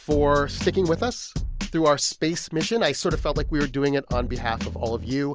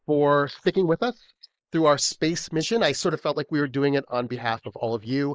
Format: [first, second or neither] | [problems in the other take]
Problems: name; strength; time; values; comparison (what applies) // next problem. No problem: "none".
first | noise reduction (neural mask model Resemble Enhance denoiser)